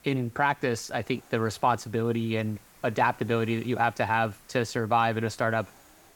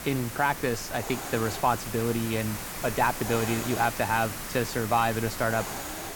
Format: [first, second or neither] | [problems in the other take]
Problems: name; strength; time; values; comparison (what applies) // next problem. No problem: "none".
first | hiss; loud; throughout; 6 dB below the speech; faint in the first